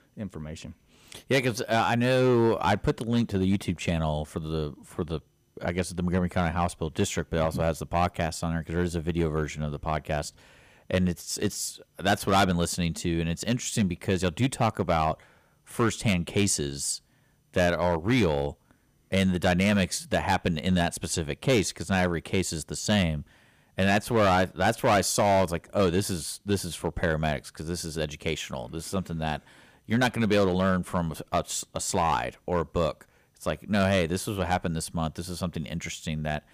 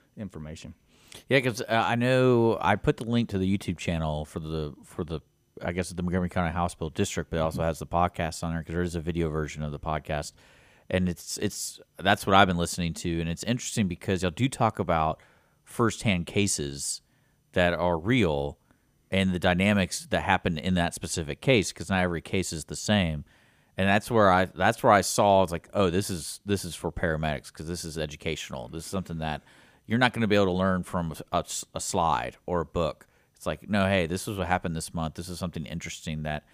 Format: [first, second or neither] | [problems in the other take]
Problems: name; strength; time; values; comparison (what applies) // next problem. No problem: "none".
second | distortion; slight; 3% of the sound clipped